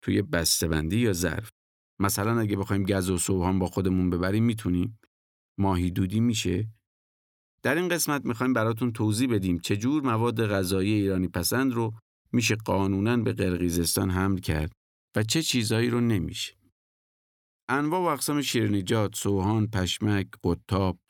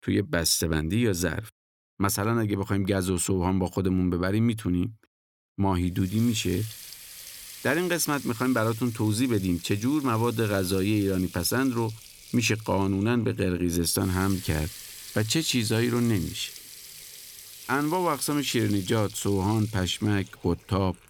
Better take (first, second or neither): first